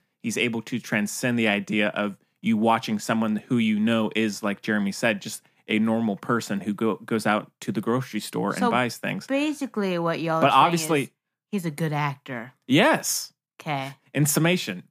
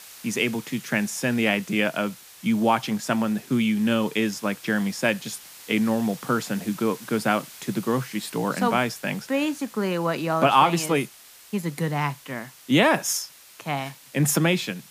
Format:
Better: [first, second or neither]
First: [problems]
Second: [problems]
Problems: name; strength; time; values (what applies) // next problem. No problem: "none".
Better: first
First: none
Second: hiss; noticeable; throughout; 20 dB below the speech